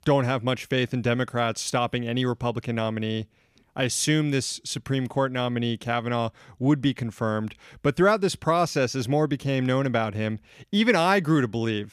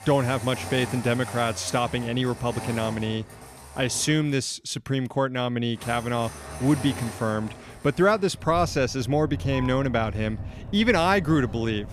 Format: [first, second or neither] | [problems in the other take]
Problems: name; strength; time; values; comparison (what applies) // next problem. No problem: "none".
first | traffic noise; noticeable; throughout; 10 dB below the speech